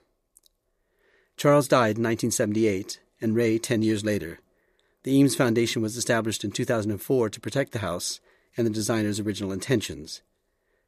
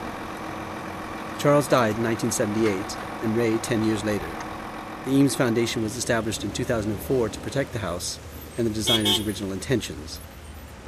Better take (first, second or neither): first